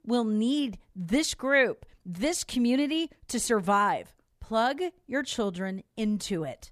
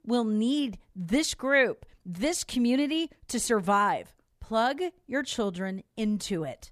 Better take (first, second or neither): neither